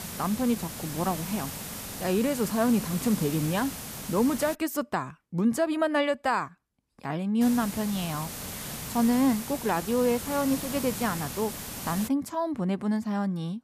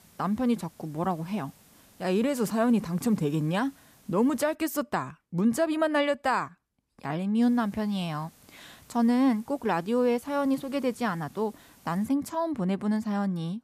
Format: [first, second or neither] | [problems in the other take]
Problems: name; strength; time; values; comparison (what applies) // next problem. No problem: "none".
second | hiss; loud; until 4.5 s and from 7.5 to 12 s; 8 dB below the speech; faint in the second